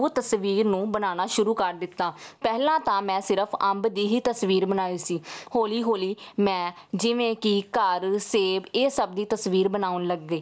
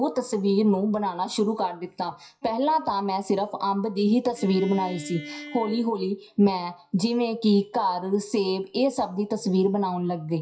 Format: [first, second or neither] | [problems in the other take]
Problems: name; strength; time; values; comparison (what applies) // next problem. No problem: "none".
first | noise reduction (classical method WPE with log-MMSE)